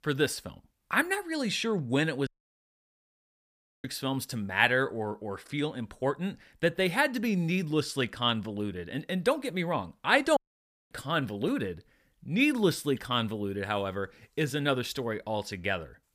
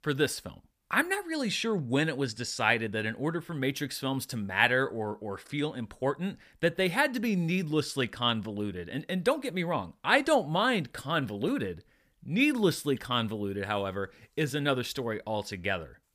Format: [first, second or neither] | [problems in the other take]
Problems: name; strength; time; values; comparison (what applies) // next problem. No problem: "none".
second | audio cutting out; at 2.5 s for 1.5 s and at 10 s for 0.5 s